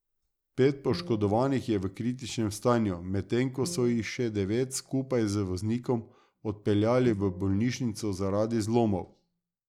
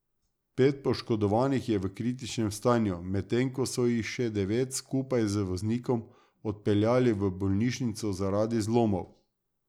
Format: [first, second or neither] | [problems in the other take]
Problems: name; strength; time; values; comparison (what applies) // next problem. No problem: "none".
second | noise reduction (neural mask model DeepFilterNet 3)